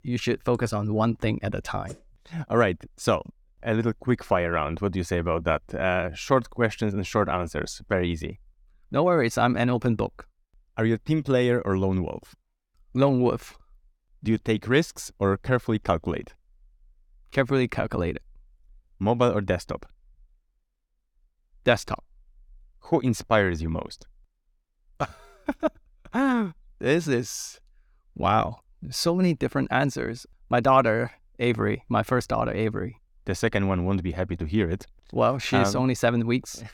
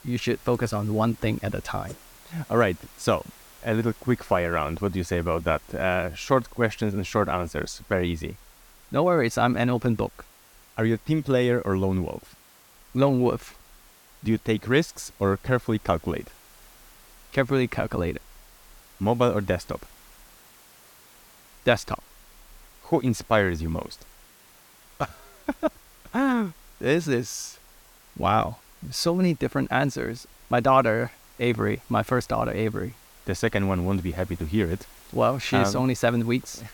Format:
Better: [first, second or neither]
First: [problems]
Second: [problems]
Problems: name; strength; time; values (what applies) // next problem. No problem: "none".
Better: first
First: none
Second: hiss; faint; throughout; 25 dB below the speech